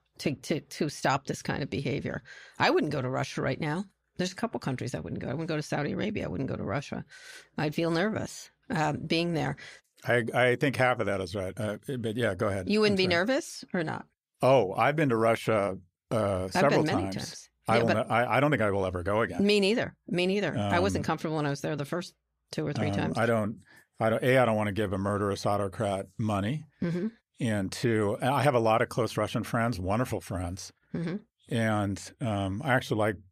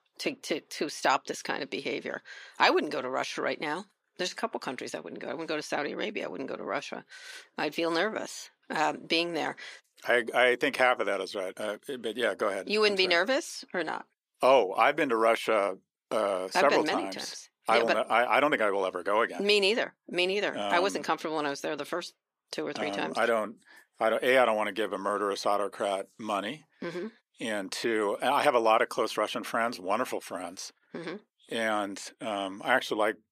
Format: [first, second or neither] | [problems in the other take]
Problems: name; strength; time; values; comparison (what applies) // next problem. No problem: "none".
first | thin; somewhat; fading below 300 Hz